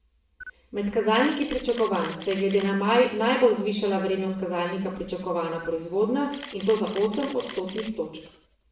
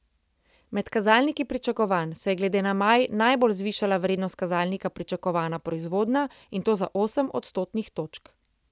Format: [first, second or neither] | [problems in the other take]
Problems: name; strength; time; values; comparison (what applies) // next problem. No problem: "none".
second | background sound (Camera); 17 dB below the speech // room echo; dies away in 0.7 s